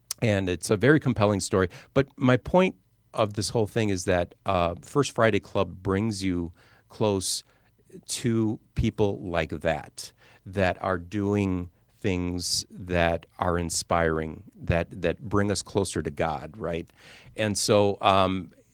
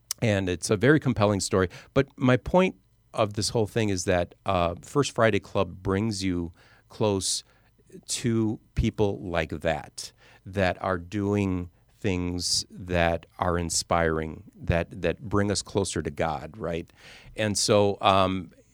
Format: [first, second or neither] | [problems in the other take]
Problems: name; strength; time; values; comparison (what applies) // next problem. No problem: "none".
second | garbled, watery; slightly